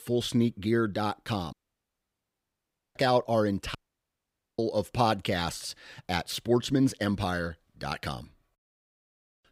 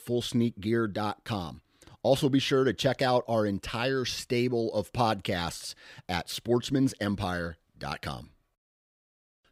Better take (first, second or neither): second